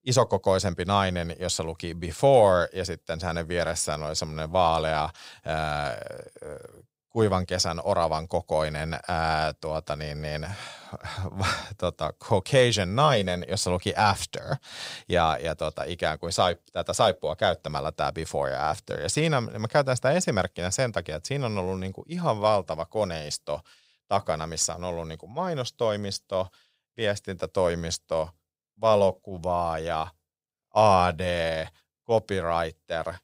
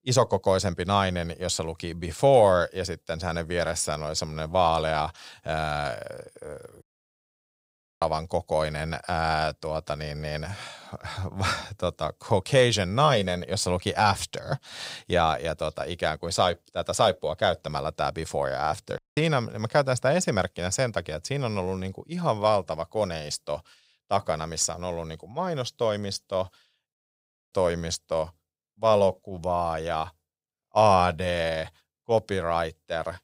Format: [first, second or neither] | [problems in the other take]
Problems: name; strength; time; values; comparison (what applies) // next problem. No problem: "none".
first | audio cutting out; at 7 s for 1 s, at 19 s and at 27 s for 0.5 s